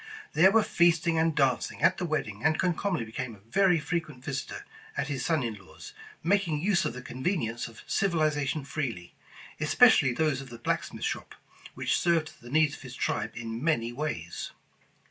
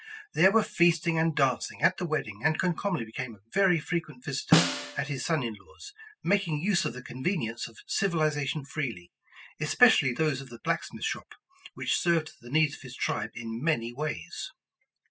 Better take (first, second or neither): first